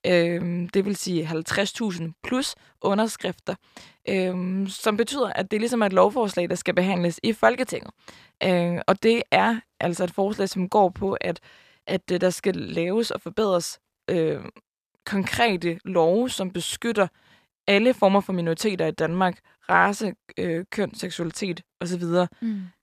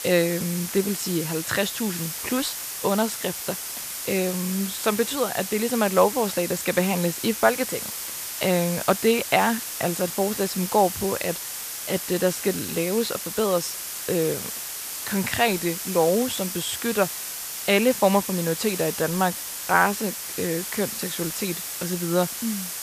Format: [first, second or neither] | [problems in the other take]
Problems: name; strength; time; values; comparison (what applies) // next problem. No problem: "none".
first | hiss; loud; throughout; 5 dB below the speech